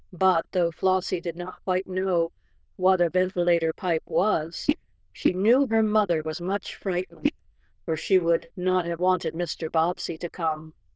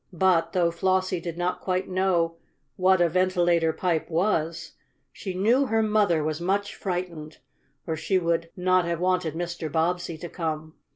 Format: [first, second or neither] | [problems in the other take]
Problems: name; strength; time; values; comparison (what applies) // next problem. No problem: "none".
second | noise reduction (neural diffusion model UNIVERSE++)